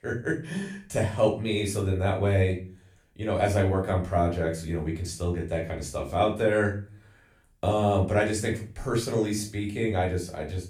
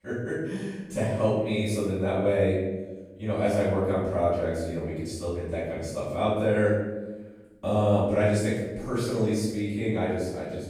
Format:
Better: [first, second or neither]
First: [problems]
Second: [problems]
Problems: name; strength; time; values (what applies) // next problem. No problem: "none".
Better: first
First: room echo; slight; dies away in 0.3 s // off-mic speech; far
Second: room echo; strong; dies away in 1.1 s // off-mic speech; far